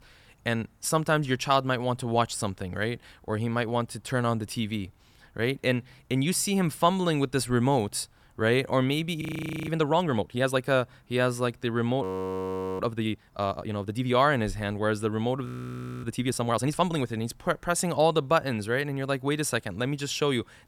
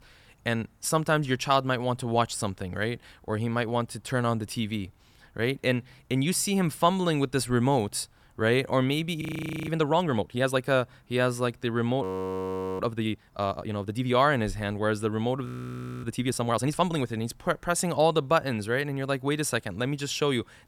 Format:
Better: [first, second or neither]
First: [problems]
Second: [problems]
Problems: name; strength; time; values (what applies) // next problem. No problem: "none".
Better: neither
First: audio freezing; at 9 s, at 12 s for 1 s and at 15 s for 0.5 s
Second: audio freezing; at 9 s, at 12 s for 1 s and at 15 s for 0.5 s